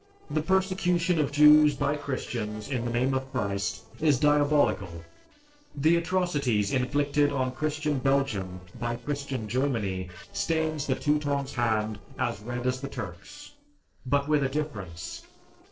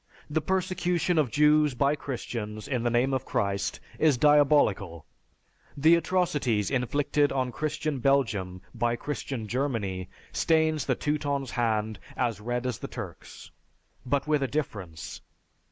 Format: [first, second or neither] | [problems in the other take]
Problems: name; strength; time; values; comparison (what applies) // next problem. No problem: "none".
second | noise reduction (neural separator model SepFormer DNS4)